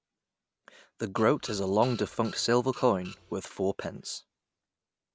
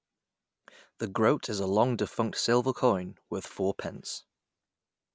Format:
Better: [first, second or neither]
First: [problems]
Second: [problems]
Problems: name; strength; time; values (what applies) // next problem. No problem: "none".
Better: second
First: background sound (Printer); 18 dB below the speech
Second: none